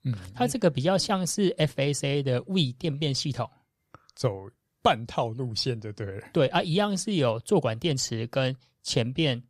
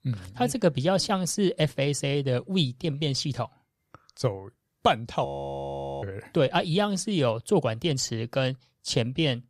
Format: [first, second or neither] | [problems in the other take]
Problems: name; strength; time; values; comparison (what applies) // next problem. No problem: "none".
first | audio freezing; at 5.5 s for 1 s